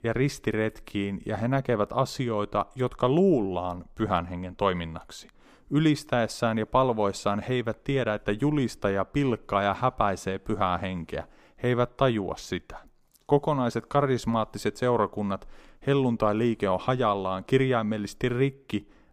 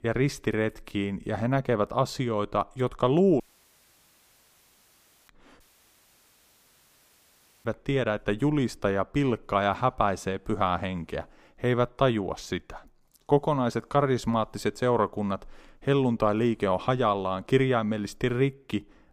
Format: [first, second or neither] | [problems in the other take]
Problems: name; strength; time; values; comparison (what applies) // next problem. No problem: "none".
first | audio cutting out; at 3.5 s for 2 s and at 5.5 s for 2 s